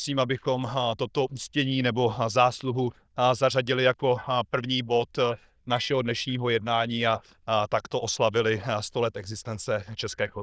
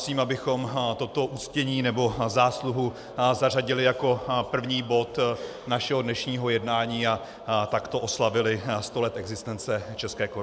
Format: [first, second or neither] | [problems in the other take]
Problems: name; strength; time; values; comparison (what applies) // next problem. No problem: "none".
second | noise reduction (neural diffusion model UNIVERSE++)